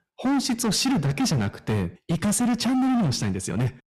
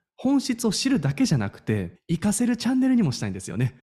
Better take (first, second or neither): second